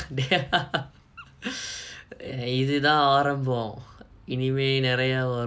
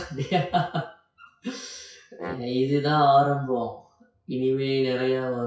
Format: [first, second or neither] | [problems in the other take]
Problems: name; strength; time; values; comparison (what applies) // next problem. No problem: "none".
first | noise reduction (classical method WPE with log-MMSE)